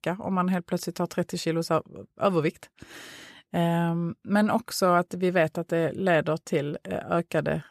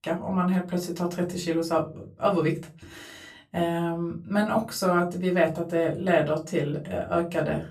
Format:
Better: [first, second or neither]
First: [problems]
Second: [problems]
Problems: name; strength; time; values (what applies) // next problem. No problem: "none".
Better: first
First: none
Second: off-mic speech; far // room echo; very slight; dies away in 0.3 s